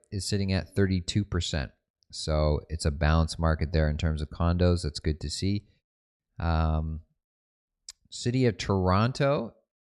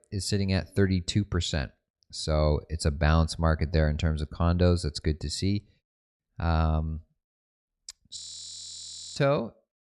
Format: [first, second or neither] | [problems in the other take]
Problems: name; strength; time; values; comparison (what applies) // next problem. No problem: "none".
first | audio freezing; at 8 s for 1 s